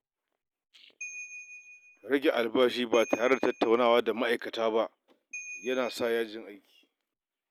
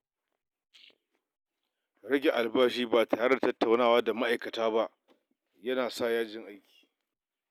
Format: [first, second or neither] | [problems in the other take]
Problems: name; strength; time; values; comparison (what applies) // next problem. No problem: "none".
second | background sound (Ringtone / Bell); 15 dB below the speech